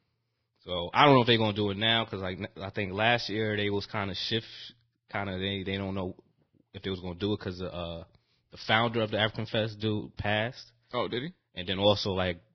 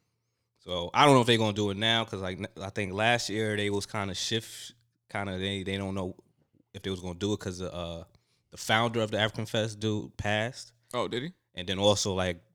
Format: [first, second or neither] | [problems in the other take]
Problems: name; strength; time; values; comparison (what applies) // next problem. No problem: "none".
second | garbled, watery; badly; nothing above 5.5 kHz